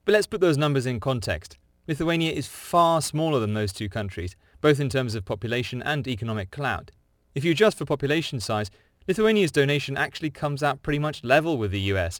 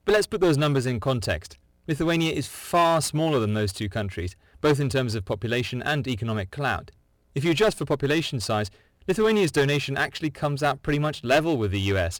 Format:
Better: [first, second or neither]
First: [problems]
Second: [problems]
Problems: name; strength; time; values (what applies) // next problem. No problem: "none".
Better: first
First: none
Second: distortion; slight; 4% of the sound clipped